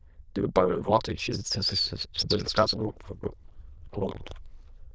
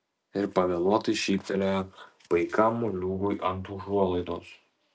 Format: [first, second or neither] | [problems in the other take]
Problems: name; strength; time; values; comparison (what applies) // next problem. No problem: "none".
second | noise reduction (neural diffusion model UNIVERSE++)